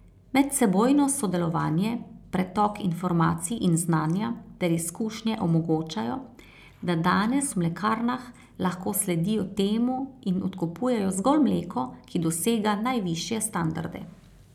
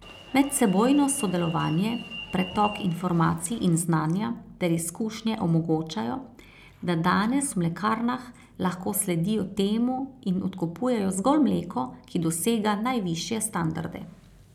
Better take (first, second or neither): first